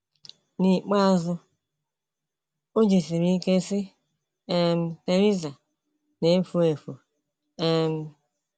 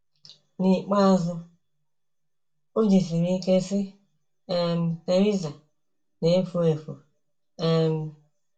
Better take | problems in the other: first | room echo; dies away in 0.2 s

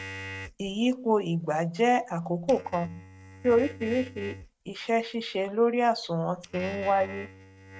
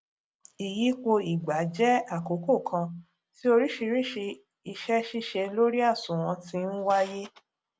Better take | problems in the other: second | noise reduction (neural mask model RNNoise)

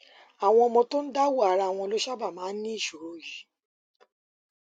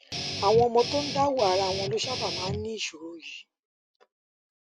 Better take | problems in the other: first | background sound (Guitar); 5 dB below the speech

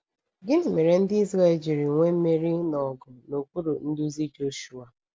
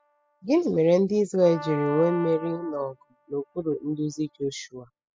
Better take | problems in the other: first | noise reduction (classical method spectral subtraction)

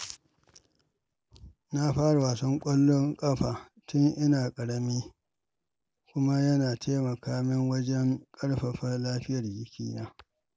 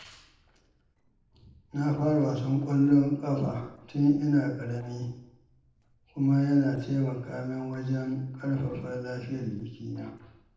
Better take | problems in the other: first | noise reduction (neural separator model SepFormer DNS4)

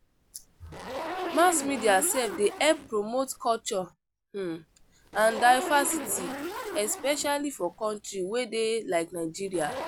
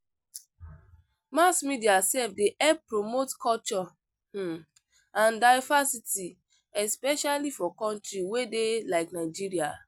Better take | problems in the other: second | background sound (Zipper (clothing)); 10 dB below the speech

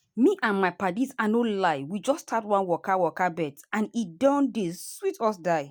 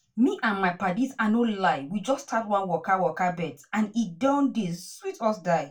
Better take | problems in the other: first | room echo; dies away in 0.2 s

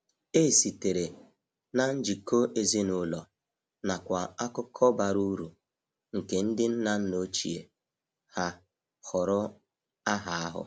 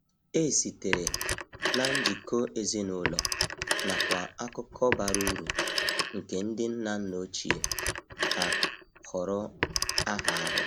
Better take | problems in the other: first | background sound (Telephone); 1 dB above the speech

